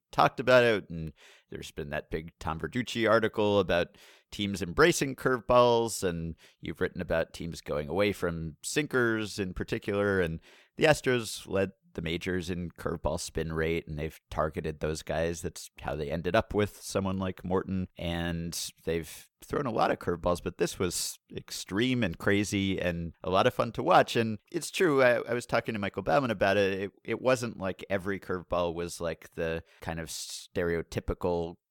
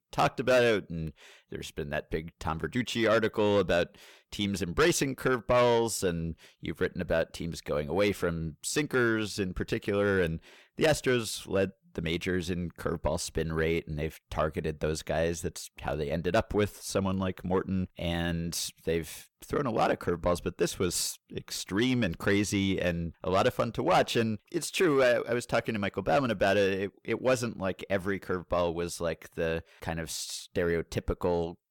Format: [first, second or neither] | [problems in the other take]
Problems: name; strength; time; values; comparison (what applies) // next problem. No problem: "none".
first | distortion; slight; 10 dB below the speech